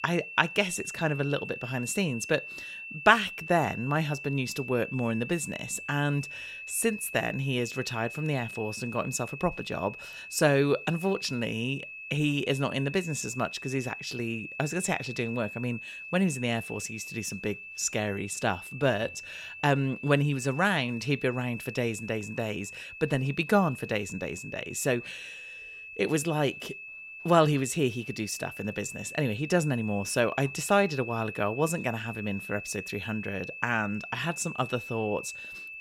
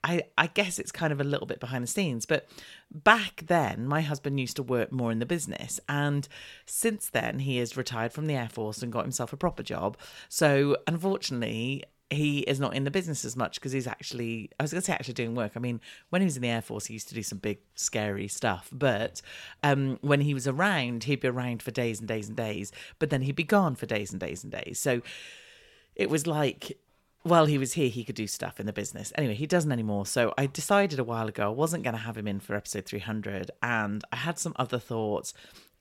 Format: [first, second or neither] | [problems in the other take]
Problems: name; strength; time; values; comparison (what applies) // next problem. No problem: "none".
second | high-pitched whine; noticeable; throughout; 2.5 kHz, 10 dB below the speech